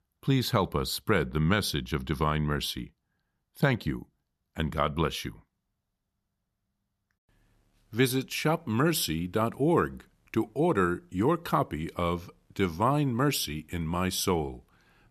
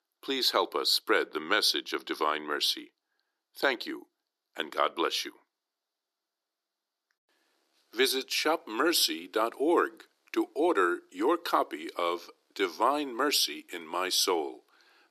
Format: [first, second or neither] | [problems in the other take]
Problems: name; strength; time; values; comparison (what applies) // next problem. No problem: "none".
first | thin; very; fading below 300 Hz